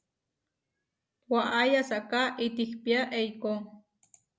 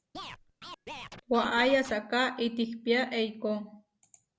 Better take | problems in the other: first | background sound (Scratching (performance technique)); 14 dB below the speech

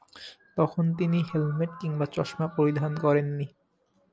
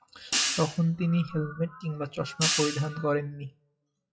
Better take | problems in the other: first | noise reduction (classical method WPE with log-MMSE)

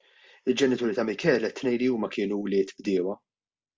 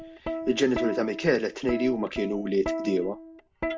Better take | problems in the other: first | background sound (Plucked string instrument); 7 dB below the speech

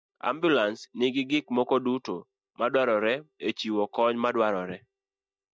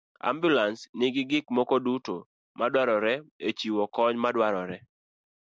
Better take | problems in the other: second | noise reduction (neural mask model DeepFilterNet 3)

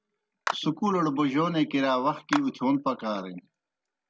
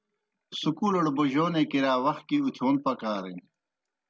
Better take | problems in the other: second | background sound (Clapping); 10 dB below the speech

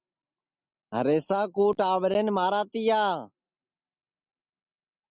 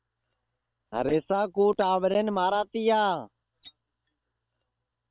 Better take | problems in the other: first | noise reduction (neural separator model SepFormer WHAM!)

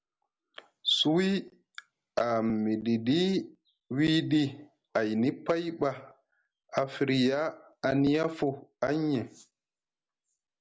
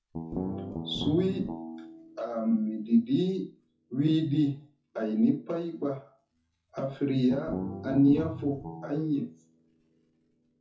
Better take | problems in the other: first | noise reduction (classical method WPE with log-MMSE)

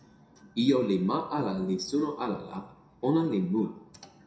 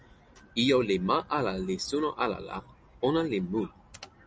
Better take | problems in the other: second | room echo; dies away in 0.6 s

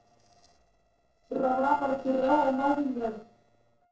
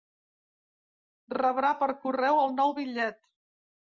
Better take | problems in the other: second | noise reduction (neural separator model SepFormer DNS4)

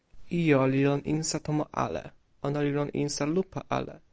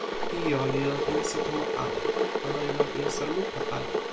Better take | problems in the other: first | background sound (Boiling / Water); 3 dB above the speech // room echo; dies away in 0.2 s

